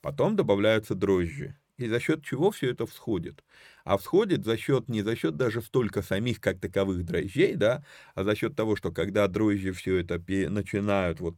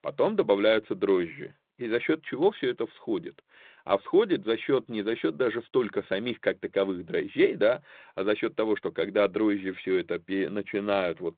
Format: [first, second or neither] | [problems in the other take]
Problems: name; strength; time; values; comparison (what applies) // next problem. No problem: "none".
first | phone-call audio; nothing above 3.5 kHz